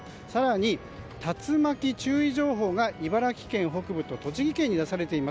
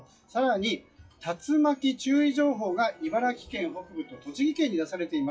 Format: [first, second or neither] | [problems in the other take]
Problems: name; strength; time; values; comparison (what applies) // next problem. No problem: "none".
first | noise reduction (classical method WPE with log-MMSE)